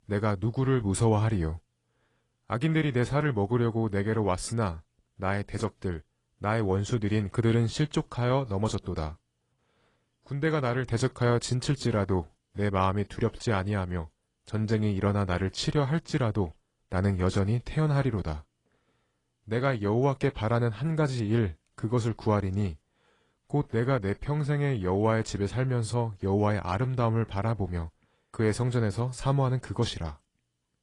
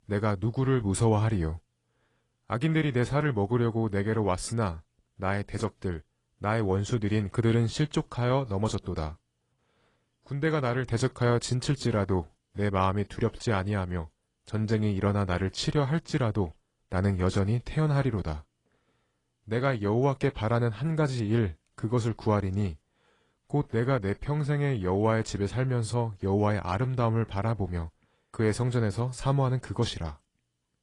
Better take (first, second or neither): neither